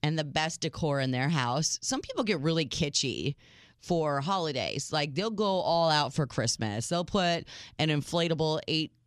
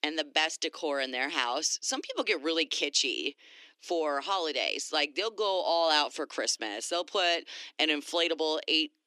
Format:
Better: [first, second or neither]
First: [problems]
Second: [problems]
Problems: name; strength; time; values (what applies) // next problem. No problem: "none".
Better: first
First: none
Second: thin; somewhat; fading below 300 Hz